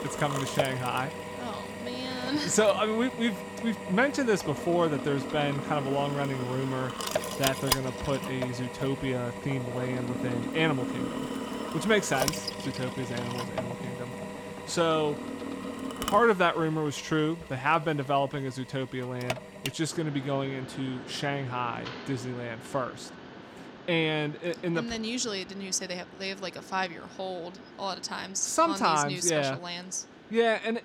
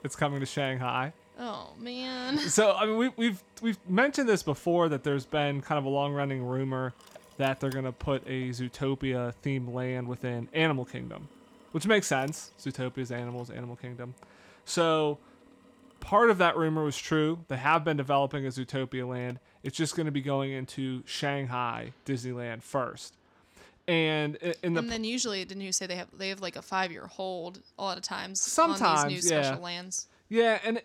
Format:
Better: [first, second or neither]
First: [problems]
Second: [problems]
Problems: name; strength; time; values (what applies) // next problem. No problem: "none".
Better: second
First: machinery noise; loud; throughout; 7 dB below the speech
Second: machinery noise; faint; throughout; 30 dB below the speech